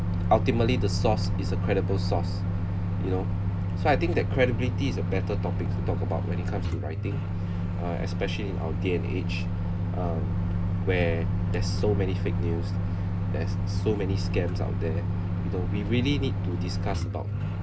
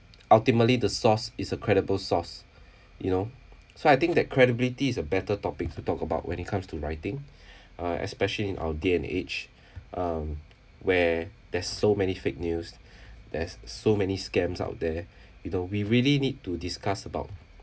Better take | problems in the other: second | background sound (Microwave oven); 4 dB above the speech

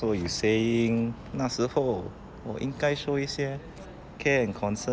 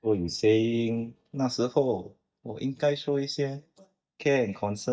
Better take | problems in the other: first | noise reduction (neural mask model DeepFilterNet 3)

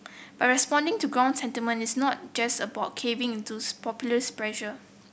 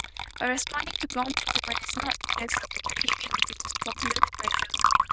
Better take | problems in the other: first | noise reduction (neural diffusion model UNIVERSE++)

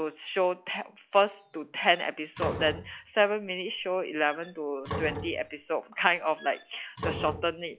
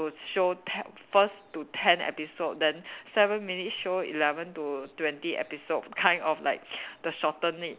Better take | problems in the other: second | noise reduction (classical method log-MMSE)

